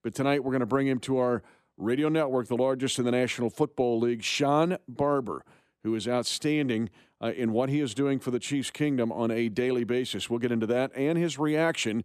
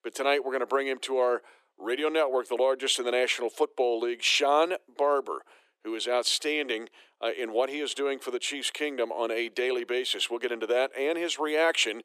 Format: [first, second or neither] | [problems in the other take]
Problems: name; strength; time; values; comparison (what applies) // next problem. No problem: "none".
first | thin; very; fading below 400 Hz